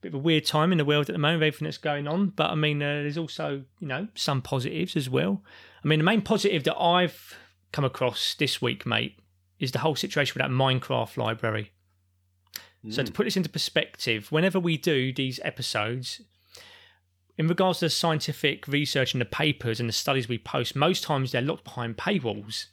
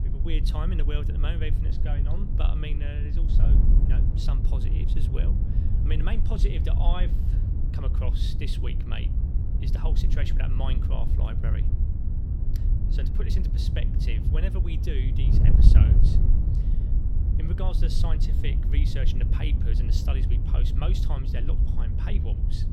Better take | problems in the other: first | wind noise on the microphone; heavy; 2 dB below the speech

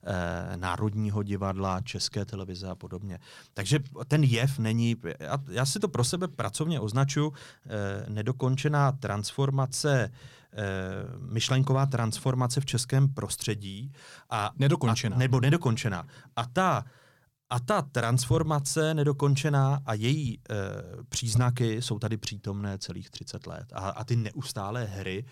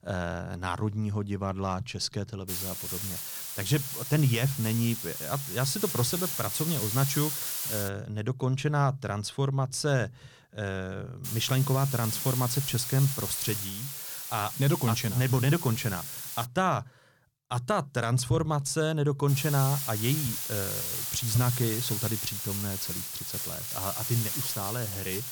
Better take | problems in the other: first | hiss; loud; from 2.5 to 8 s, from 11 to 16 s and from 19 s on; 2 dB below the speech

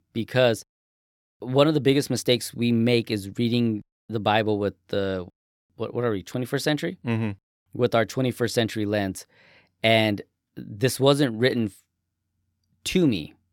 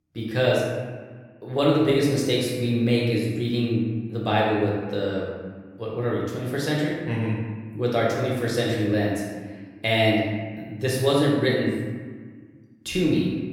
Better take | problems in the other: first | room echo; noticeable; dies away in 1.3 s // off-mic speech; far

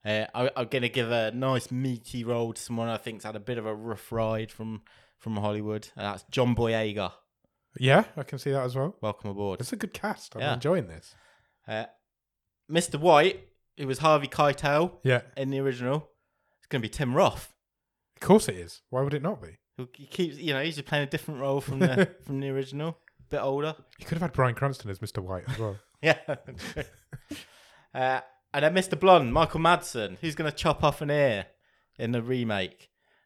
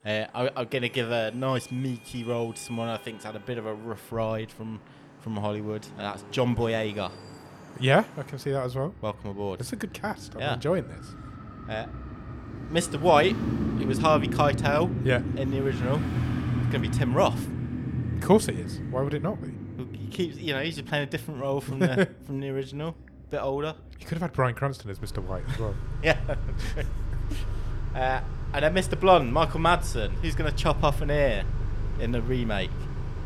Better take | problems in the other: first | traffic noise; loud; throughout; 6 dB below the speech

